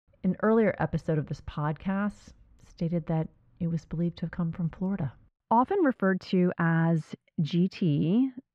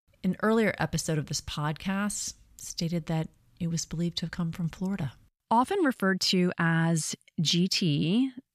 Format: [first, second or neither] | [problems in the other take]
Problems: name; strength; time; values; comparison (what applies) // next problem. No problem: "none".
second | muffled; very; fading above 3.5 kHz